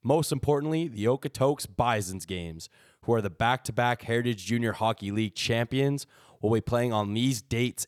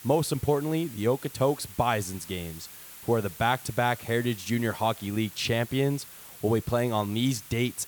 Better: first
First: none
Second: hiss; noticeable; throughout; 15 dB below the speech

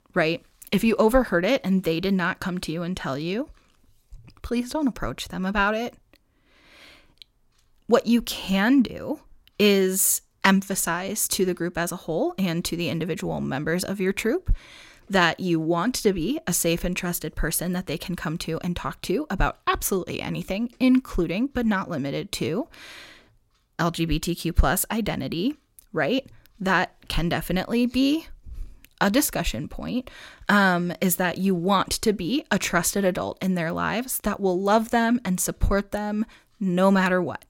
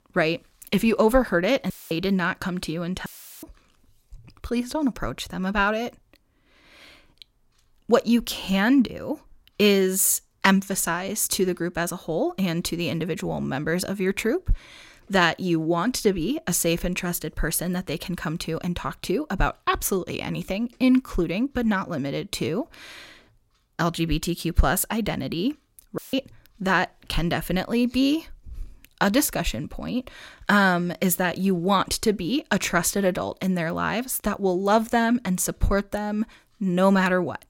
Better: first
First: none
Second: audio cutting out; filled with static; at 1.5 s, at 3 s and at 26 s

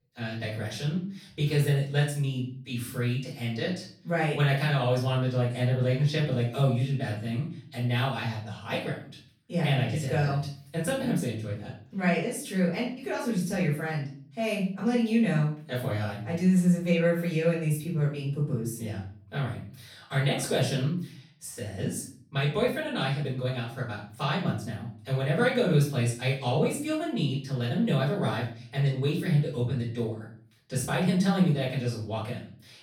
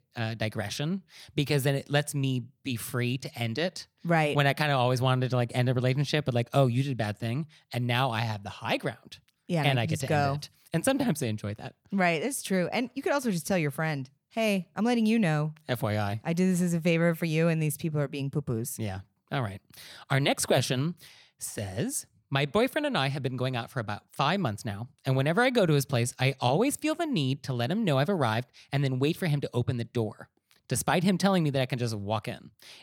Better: second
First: off-mic speech; far // room echo; noticeable; dies away in 0.4 s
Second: none

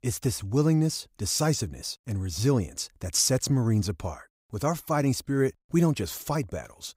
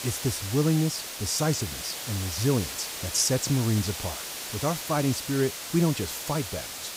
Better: first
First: none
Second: hiss; loud; throughout; 6 dB below the speech

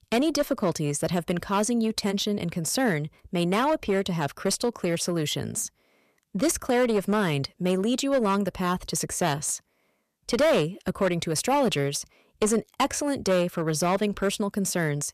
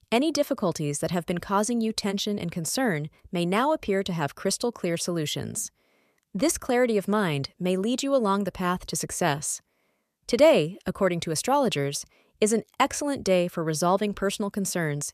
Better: second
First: distortion; slight; 6% of the sound clipped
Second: none

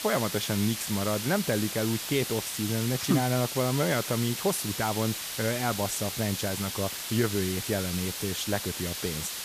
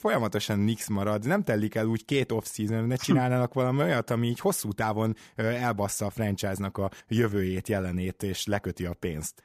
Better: second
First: hiss; loud; throughout; 3 dB below the speech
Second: none

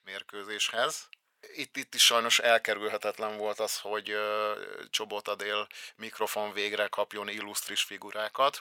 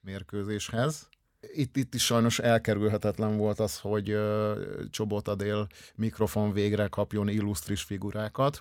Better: second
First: thin; very; fading below 800 Hz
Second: none

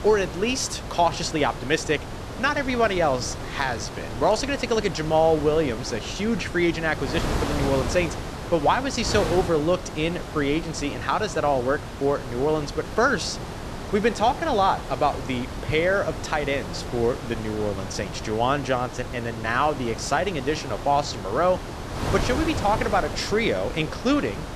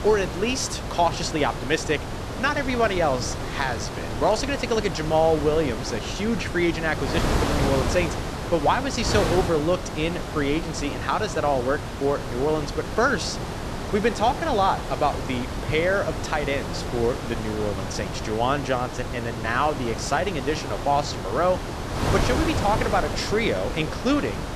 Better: first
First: wind noise on the microphone; occasional gusts; 10 dB below the speech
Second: wind noise on the microphone; heavy; 7 dB below the speech

